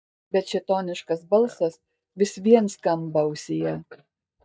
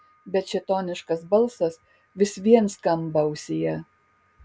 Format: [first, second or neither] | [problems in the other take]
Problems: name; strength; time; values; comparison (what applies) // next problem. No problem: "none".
second | noise reduction (neural mask model DeepFilterNet 3)